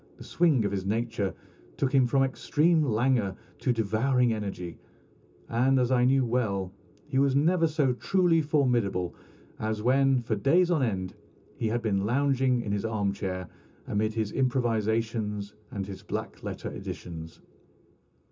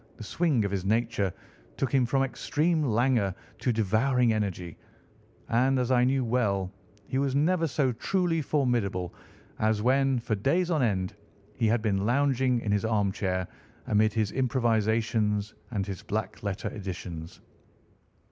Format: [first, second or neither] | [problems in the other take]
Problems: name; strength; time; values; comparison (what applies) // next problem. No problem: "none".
second | room echo; dies away in 0.2 s